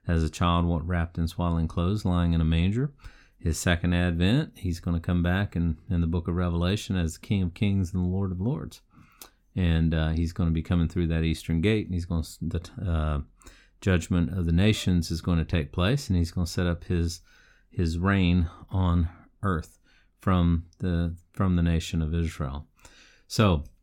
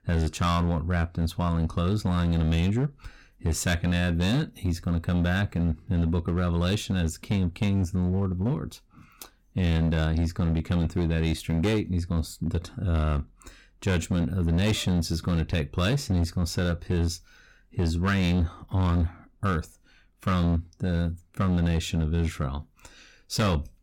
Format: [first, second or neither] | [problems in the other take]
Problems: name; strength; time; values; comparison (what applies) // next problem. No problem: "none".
first | distortion; slight; 14% of the sound clipped